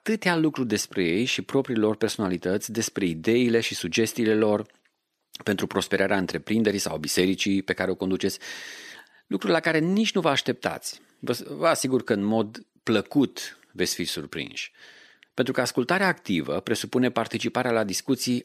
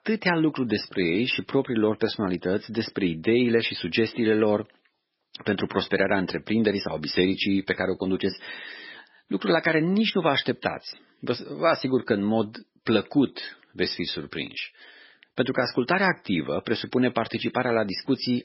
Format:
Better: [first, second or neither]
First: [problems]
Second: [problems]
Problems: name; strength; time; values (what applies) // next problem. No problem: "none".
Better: first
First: none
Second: garbled, watery; badly; nothing above 5.5 kHz